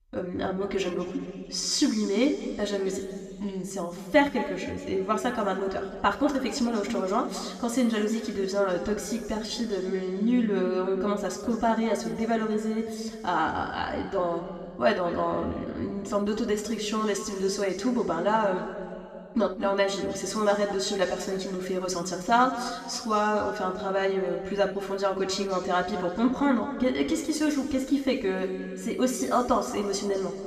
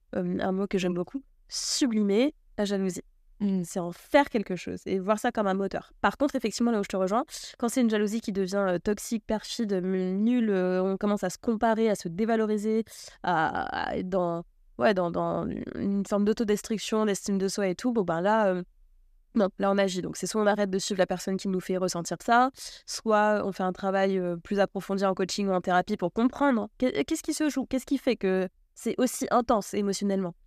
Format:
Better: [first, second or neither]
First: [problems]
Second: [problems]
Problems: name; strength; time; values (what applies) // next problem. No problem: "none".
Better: second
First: room echo; noticeable; dies away in 2.2 s // off-mic speech; somewhat distant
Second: none